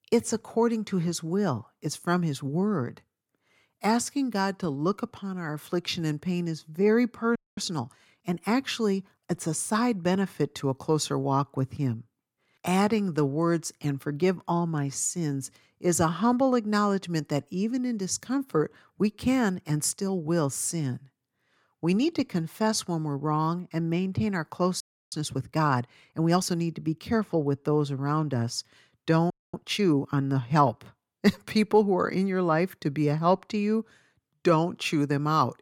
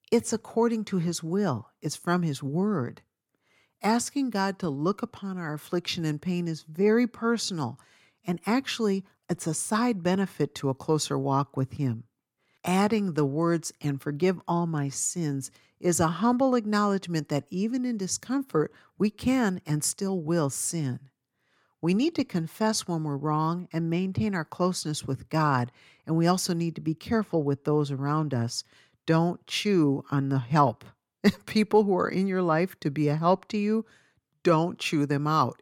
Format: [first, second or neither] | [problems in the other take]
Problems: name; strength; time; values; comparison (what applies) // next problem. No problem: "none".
second | audio freezing; at 7.5 s, at 25 s and at 29 s